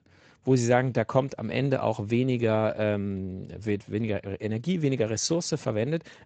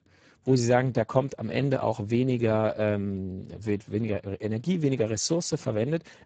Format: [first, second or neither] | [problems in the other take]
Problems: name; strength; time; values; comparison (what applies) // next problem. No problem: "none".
first | garbled, watery; badly; nothing above 7.5 kHz; slightly in the first